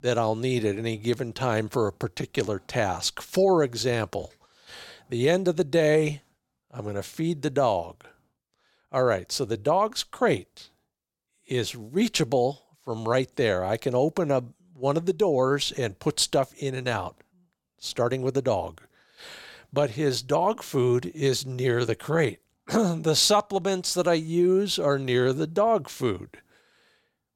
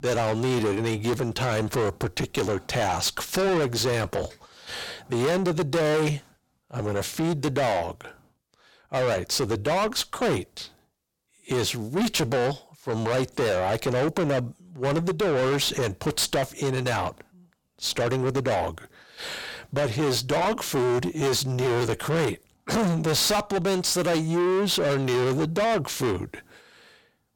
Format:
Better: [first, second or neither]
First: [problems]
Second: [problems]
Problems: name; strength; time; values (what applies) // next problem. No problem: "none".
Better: first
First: none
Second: distortion; heavy; 5 dB below the speech